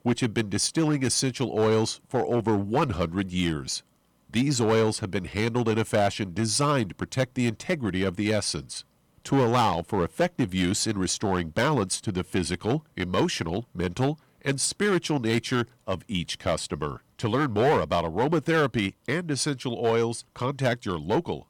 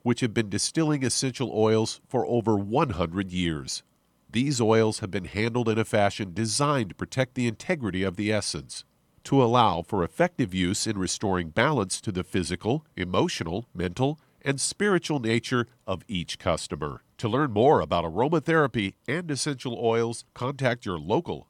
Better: second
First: distortion; slight; 5% of the sound clipped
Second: none

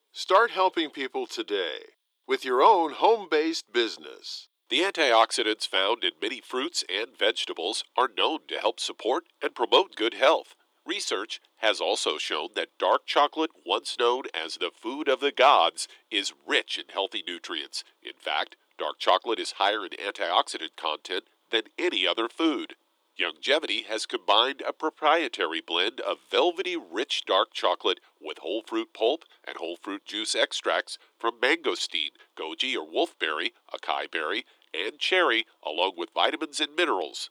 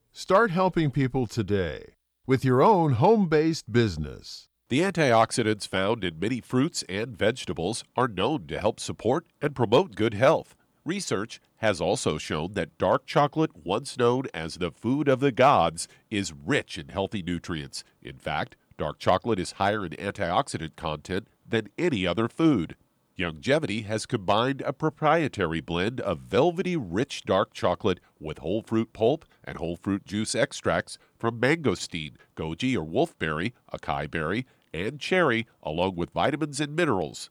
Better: second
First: thin; very; fading below 350 Hz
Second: none

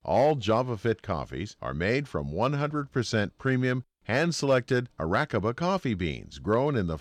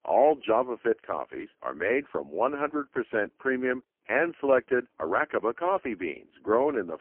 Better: first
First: none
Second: phone-call audio; poor line; nothing above 3 kHz

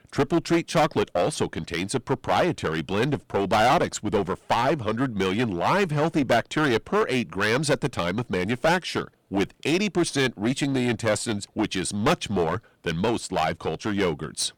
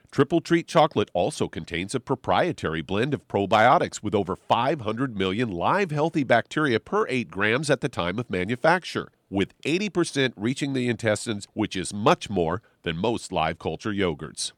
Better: second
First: distortion; heavy; 9% of the sound clipped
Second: none

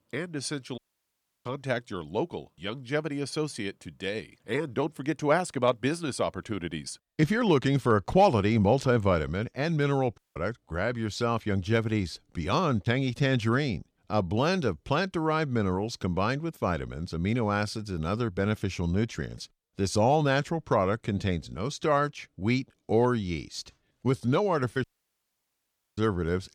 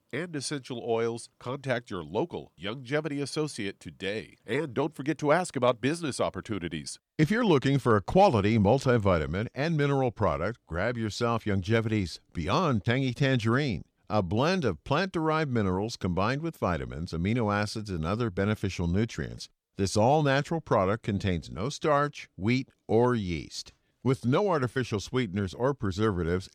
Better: second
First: audio cutting out; at 1 s for 0.5 s, at 10 s and at 25 s for 1 s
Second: none

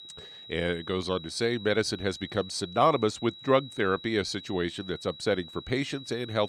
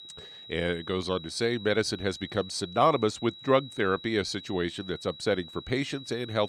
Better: neither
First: high-pitched whine; noticeable; throughout; 4 kHz, 15 dB below the speech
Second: high-pitched whine; noticeable; throughout; 4 kHz, 15 dB below the speech

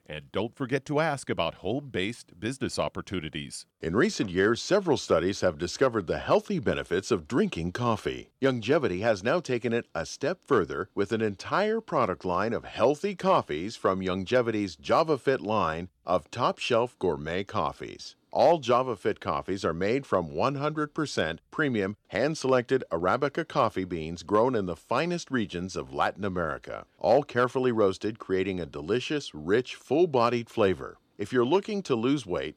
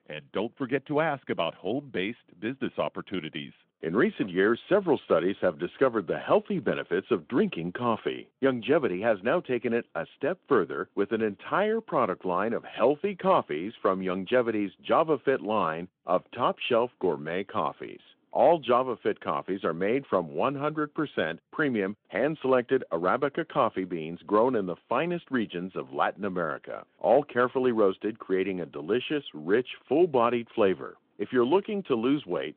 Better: first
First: none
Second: phone-call audio

